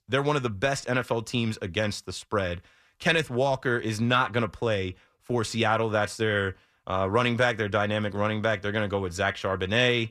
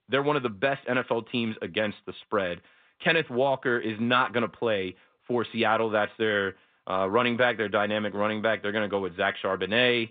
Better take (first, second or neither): first